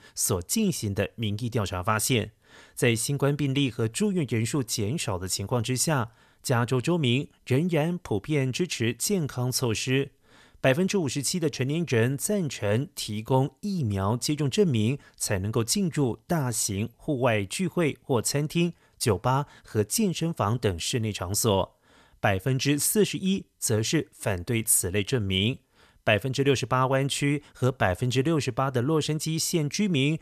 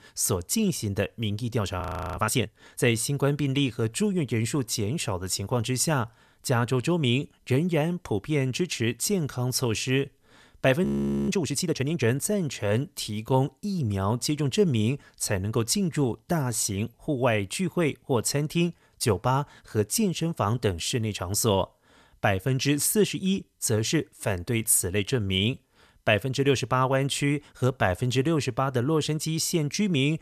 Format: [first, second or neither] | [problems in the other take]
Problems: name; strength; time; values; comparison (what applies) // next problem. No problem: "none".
first | audio freezing; at 2 s and at 11 s